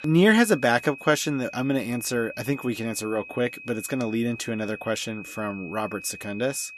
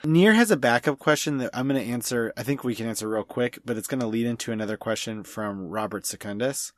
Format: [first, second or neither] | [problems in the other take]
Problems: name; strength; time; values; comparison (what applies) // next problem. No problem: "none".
second | high-pitched whine; noticeable; throughout; 2.5 kHz, 15 dB below the speech